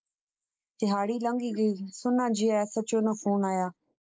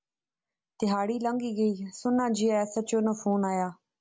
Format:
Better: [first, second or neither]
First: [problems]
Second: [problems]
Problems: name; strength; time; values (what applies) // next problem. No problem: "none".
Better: second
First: noise reduction (neural mask model Resemble Enhance denoiser)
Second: none